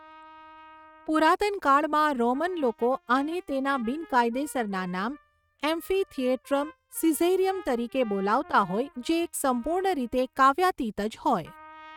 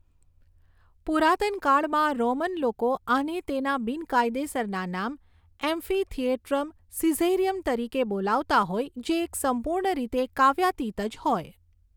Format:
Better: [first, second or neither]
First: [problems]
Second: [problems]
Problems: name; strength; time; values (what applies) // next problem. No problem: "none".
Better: second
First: noise reduction (neural mask model RNNoise)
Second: none